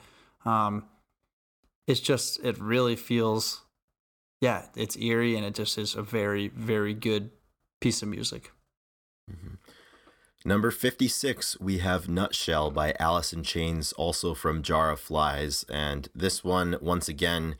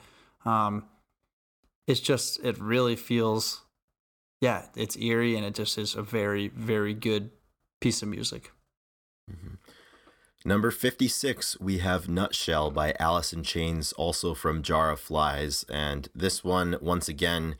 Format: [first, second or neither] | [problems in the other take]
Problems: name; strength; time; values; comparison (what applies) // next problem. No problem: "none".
neither | none